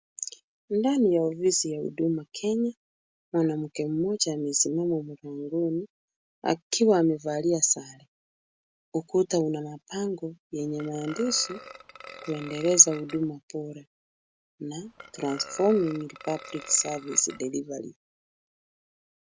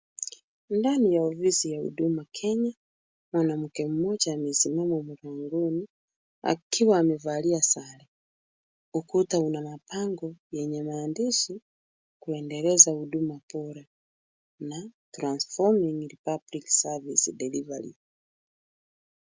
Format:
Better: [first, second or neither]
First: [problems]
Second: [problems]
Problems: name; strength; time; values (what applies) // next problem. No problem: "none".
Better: second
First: background sound (Burping, eructation); 16 dB below the speech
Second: none